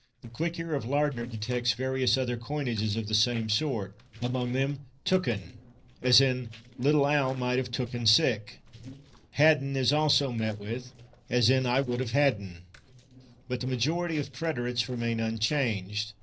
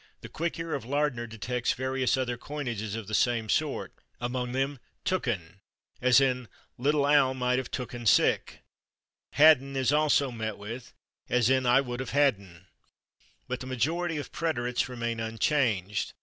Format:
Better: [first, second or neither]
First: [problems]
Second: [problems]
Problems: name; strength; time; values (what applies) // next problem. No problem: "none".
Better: second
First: noise reduction (neural separator model SepFormer DNS4)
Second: none